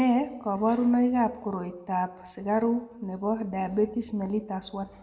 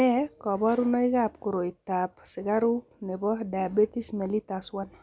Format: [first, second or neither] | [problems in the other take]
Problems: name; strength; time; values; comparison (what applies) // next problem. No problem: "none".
second | room echo; dies away in 0.8 s